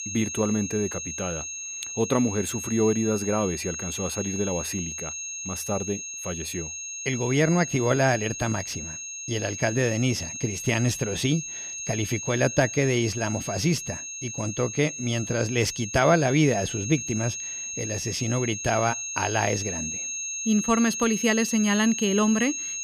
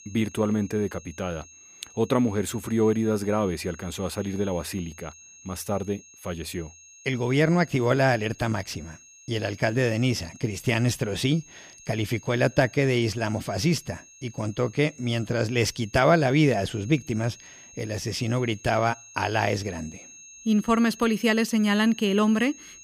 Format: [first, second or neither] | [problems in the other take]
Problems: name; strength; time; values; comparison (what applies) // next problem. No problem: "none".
second | high-pitched whine; loud; throughout; 6.5 kHz, 6 dB below the speech; faint in the second